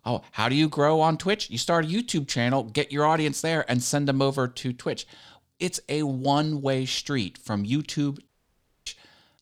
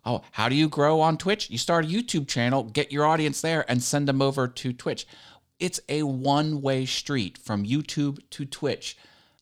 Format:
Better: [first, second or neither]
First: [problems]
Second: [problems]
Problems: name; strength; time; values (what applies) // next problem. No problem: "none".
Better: second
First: audio cutting out; at 8.5 s for 0.5 s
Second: none